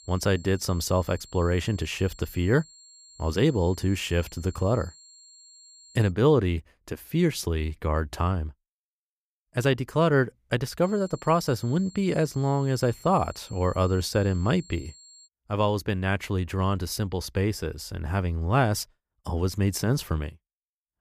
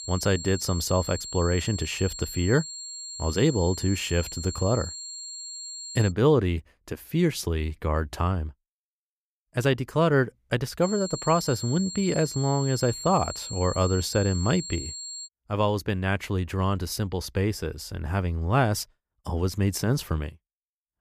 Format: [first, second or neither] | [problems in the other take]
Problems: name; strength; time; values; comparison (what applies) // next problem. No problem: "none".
first | high-pitched whine; loud; until 6 s and from 11 to 15 s; 7.5 kHz, 9 dB below the speech; faint in the first